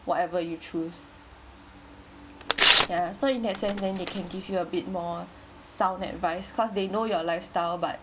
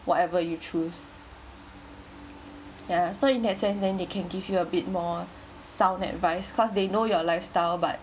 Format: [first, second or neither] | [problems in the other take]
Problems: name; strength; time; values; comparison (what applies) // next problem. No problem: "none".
second | background sound (Tearing); 2 dB above the speech